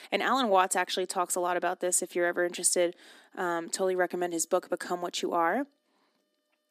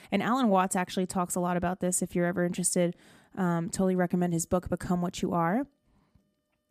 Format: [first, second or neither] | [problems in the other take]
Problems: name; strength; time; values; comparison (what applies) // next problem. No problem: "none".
second | thin; somewhat; fading below 300 Hz